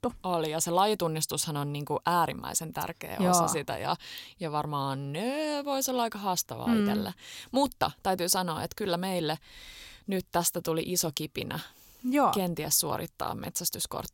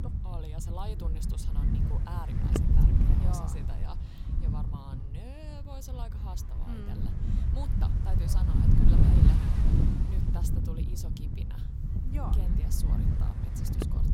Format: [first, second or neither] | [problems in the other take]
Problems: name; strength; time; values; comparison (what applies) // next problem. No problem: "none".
first | wind noise on the microphone; heavy; 5 dB above the speech